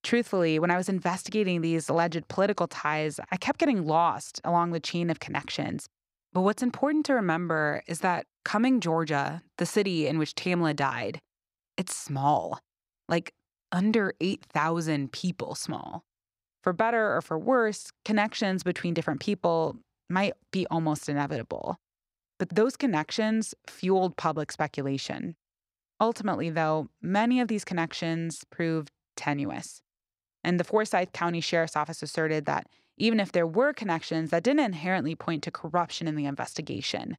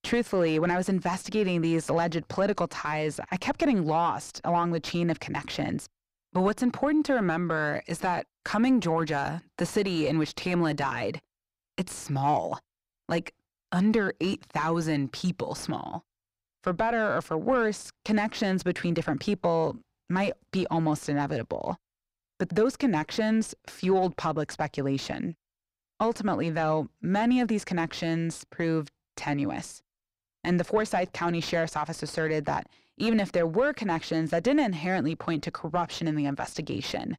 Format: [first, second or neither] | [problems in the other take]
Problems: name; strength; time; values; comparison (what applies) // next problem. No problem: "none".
first | distortion; slight; 10 dB below the speech